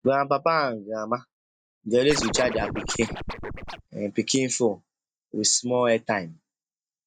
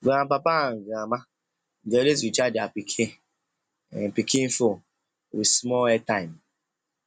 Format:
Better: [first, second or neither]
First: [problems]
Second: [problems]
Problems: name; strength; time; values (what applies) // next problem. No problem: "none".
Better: second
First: noise reduction (neural mask model DeepFilterNet 3)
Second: none